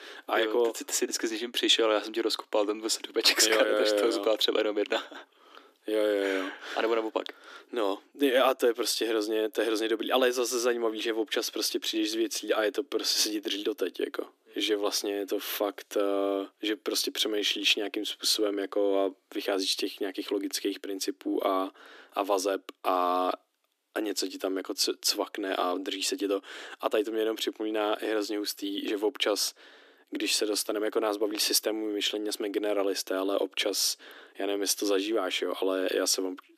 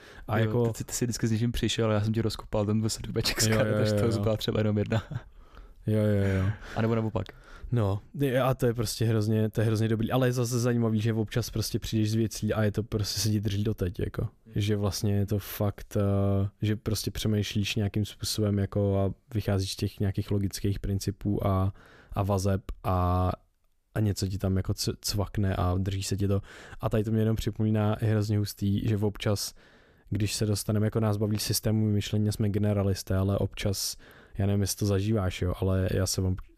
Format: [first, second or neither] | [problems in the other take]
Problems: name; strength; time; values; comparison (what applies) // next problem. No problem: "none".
second | thin; very; fading below 300 Hz